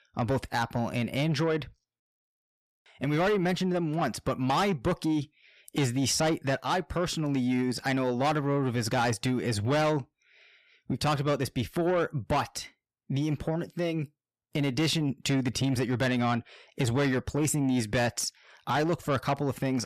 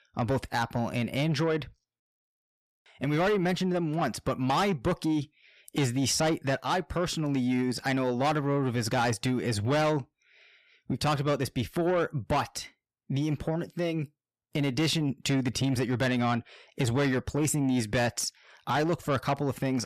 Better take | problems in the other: neither | distortion; slight; 10 dB below the speech; the same in both

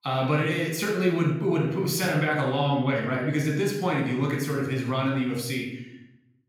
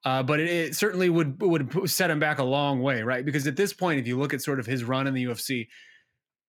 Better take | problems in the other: second | off-mic speech; somewhat distant // room echo; noticeable; dies away in 0.7 s

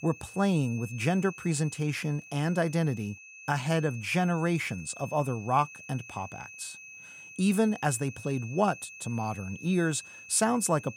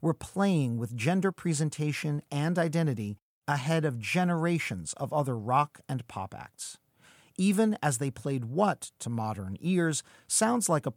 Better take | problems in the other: second | high-pitched whine; noticeable; throughout; 2.5 kHz, 15 dB below the speech

